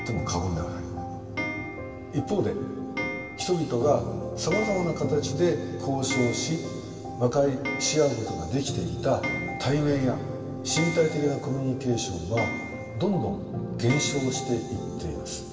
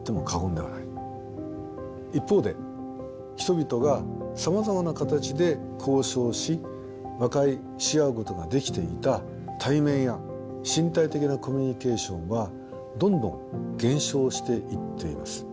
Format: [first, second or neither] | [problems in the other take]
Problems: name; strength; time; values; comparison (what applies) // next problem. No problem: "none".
second | background sound (Clock); 11 dB below the speech // room echo; dies away in 2.5 s